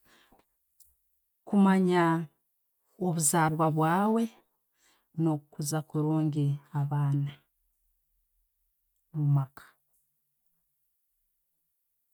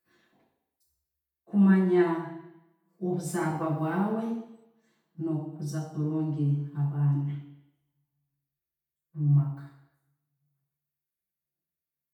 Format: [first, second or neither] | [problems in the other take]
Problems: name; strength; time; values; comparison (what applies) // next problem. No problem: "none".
first | room echo; dies away in 0.8 s